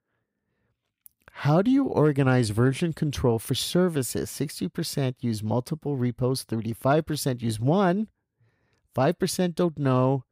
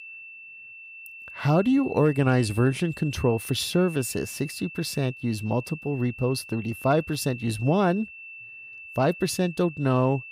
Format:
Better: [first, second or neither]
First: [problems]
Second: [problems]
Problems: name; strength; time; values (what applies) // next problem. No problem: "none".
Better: first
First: none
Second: high-pitched whine; noticeable; throughout; 2.5 kHz, 15 dB below the speech